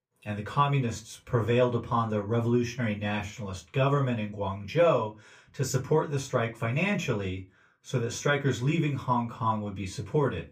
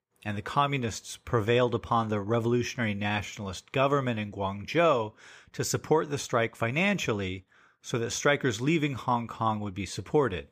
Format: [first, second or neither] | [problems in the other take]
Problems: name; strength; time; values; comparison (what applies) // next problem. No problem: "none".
second | off-mic speech; far // room echo; very slight; dies away in 0.2 s